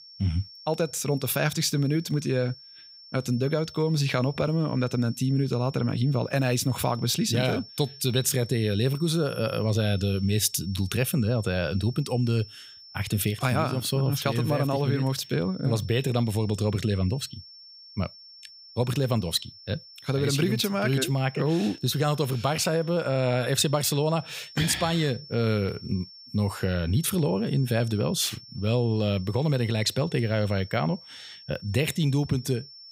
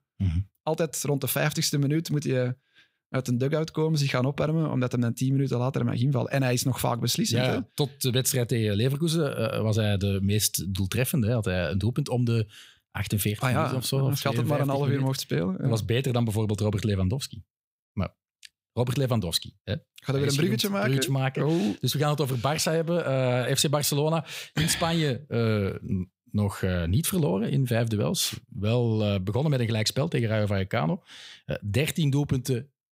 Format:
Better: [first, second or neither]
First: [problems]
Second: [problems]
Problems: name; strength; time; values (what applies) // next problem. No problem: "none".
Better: second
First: high-pitched whine; noticeable; throughout; 5.5 kHz, 20 dB below the speech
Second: none